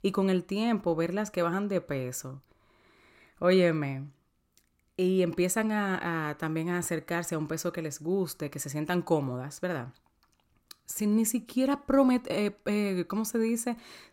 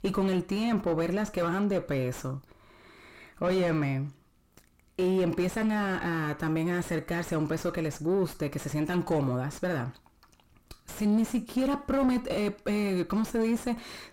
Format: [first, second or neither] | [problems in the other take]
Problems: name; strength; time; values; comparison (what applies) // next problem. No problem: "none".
first | distortion; heavy; 5 dB below the speech